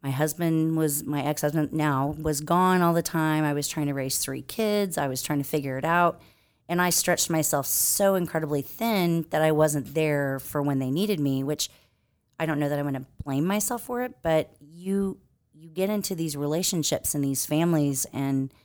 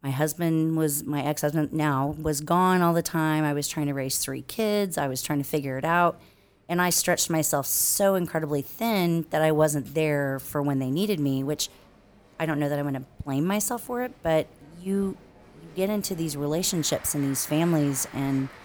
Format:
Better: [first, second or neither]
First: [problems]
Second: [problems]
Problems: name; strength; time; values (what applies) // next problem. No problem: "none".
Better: first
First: none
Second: crowd noise; faint; throughout; 25 dB below the speech